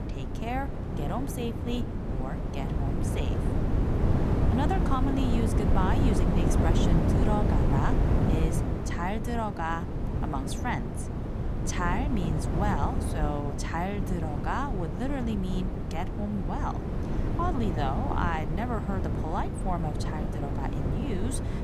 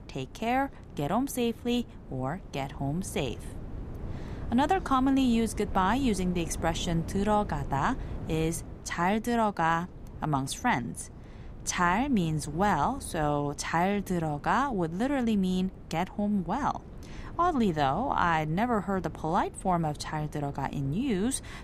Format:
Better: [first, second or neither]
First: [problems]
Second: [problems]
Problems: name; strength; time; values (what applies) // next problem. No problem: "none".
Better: second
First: wind noise on the microphone; heavy; 2 dB below the speech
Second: wind noise on the microphone; occasional gusts; 20 dB below the speech